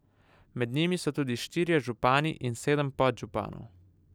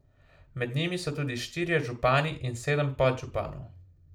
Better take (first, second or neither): first